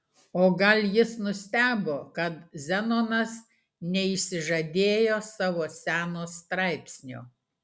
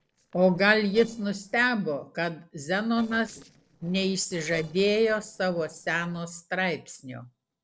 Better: first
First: none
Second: noise reduction (neural separator model SepFormer DNS4)

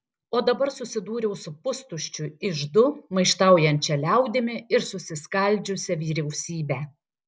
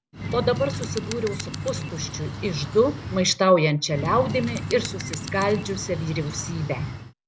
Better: first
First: none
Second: background sound (Bird); 7 dB below the speech

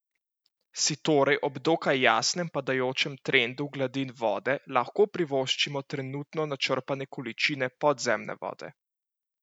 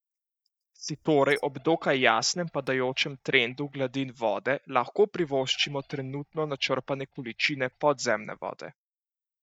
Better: first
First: none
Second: noise reduction (neural mask model DeepFilterNet 3)

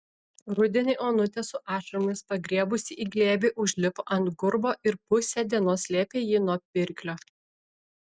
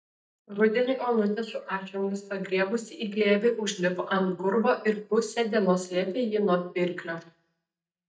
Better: first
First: none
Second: noise reduction (neural mask model DeepFilterNet 3)

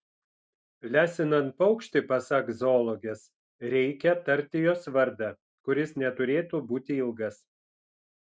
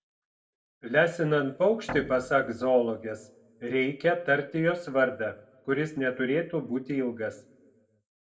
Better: first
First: none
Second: background sound (Guitar); 12 dB below the speech // room echo; dies away in 0.5 s

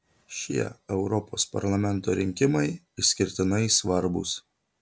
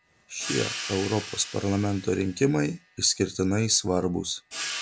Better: first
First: none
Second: background sound (Cymbal); 11 dB below the speech

